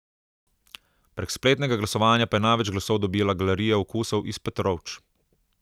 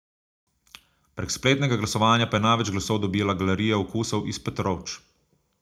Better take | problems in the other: first | room echo; dies away in 0.2 s

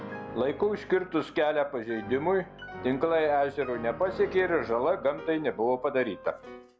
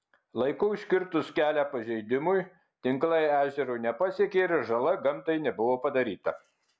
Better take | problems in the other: second | background sound (Piano); 15 dB below the speech

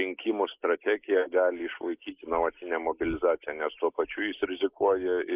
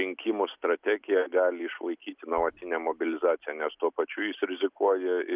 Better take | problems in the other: second | noise reduction (neural mask model Resemble Enhance denoiser)

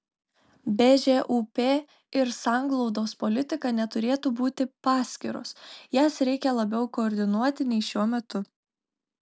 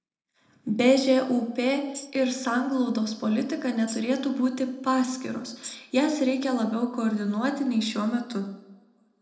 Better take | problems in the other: first | background sound (Tambourine); 19 dB below the speech // room echo; dies away in 0.7 s

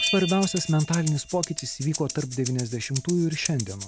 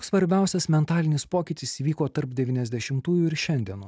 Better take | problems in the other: second | background sound (Bell + Rattle (instrument)); 8 dB below the speech

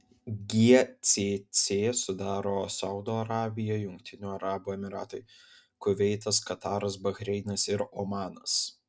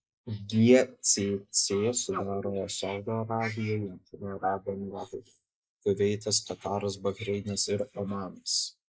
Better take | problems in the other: first | noise reduction (neural mask model Resemble Enhance denoiser)

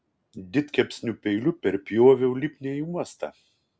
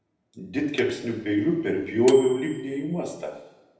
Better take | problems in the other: first | background sound (Microwave oven); 20 dB below the speech // room echo; dies away in 0.8 s

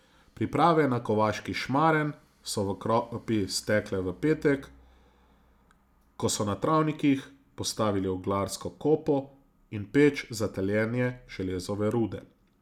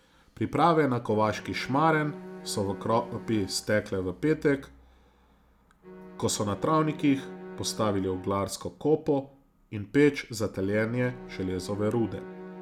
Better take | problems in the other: first | background sound (Bowed string instrument); 17 dB below the speech

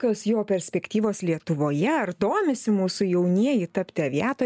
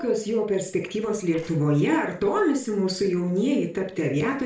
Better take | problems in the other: first | noise reduction (neural separator model SepFormer DNS4)

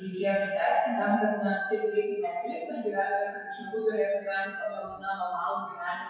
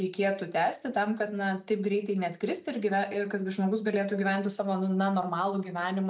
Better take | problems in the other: second | noise reduction (classical method WPE with log-MMSE)

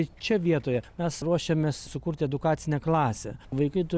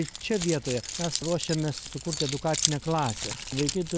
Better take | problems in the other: first | background sound (Keys jangling); 5 dB below the speech

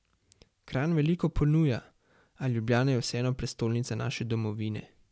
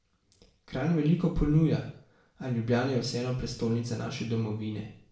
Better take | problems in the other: first | room echo; dies away in 0.5 s

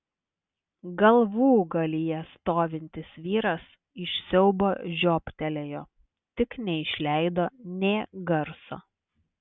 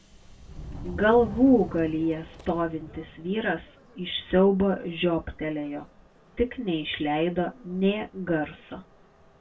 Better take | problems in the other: first | background sound (Subway, metro, underground); 18 dB below the speech // room echo; dies away in 0.1 s

